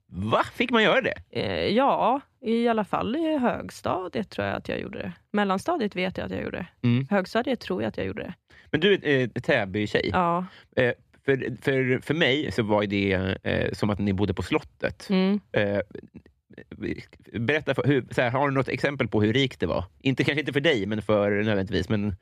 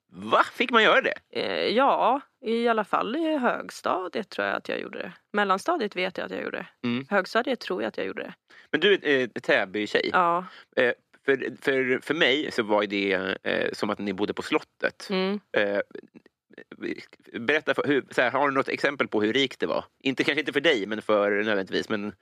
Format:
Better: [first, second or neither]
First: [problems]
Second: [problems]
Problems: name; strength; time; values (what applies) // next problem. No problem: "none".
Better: first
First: none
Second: thin; very slightly; fading below 300 Hz